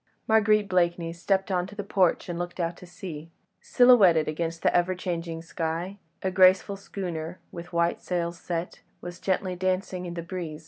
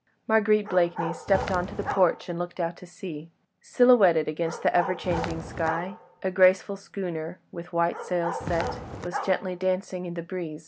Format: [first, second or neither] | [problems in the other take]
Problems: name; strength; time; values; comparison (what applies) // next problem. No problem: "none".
first | background sound (Bark + Walk, footsteps); 9 dB below the speech